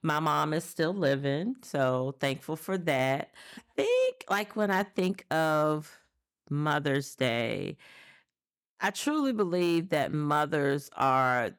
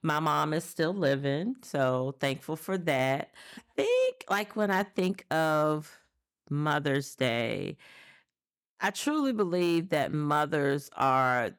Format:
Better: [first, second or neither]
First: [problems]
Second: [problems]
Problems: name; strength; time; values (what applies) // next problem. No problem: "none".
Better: neither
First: none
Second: none